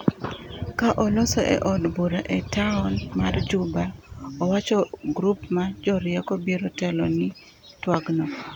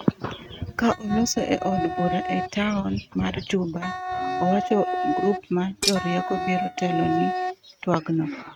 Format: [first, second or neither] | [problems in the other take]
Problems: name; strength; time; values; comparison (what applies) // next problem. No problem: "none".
first | noise reduction (neural mask model RNNoise)